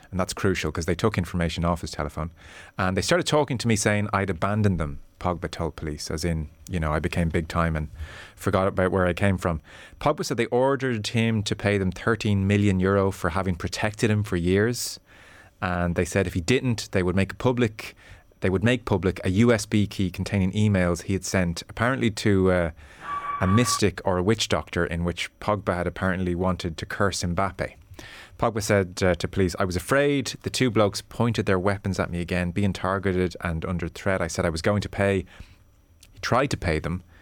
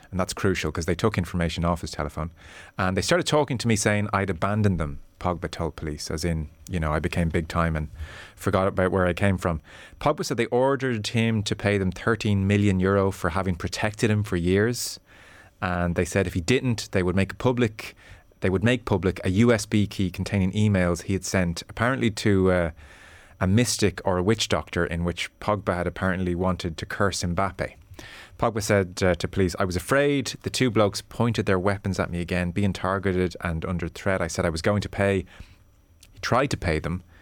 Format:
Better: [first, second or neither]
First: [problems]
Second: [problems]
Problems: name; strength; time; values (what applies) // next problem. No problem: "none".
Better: second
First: alarm; noticeable; at 23 s; peak 4 dB below the speech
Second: none